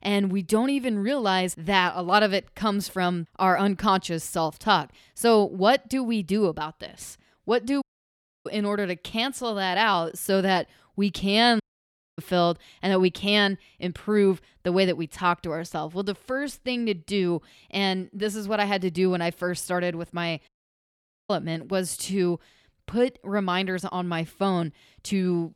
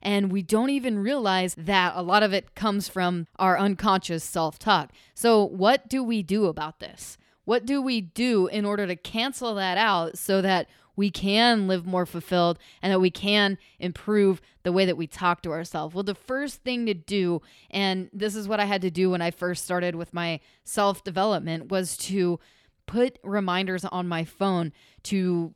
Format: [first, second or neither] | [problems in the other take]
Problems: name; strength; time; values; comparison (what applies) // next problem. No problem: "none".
second | audio cutting out; at 8 s for 0.5 s, at 12 s for 0.5 s and at 20 s for 1 s